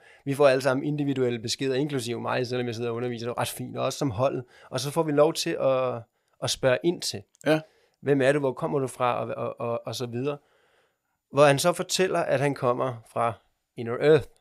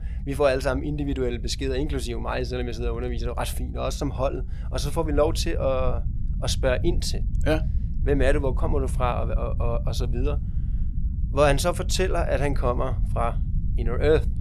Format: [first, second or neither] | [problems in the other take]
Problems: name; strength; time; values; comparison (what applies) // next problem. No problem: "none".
first | low rumble; noticeable; throughout; 20 dB below the speech